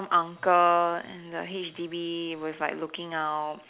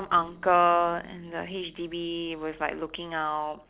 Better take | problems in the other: first | noise reduction (neural separator model SepFormer DNS4)

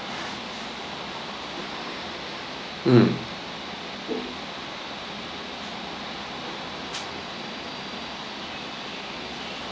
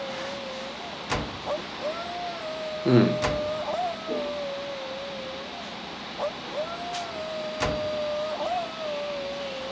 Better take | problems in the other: first | background sound (Slam + Dog); as loud as the speech

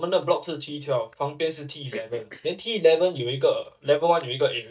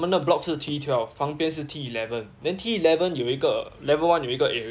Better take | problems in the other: second | noise reduction (neural mask model DeepFilterNet 3)

